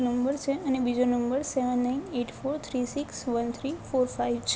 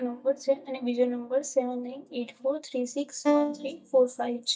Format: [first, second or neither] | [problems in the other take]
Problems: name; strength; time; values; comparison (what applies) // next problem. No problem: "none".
first | noise reduction (neural mask model DeepFilterNet 3)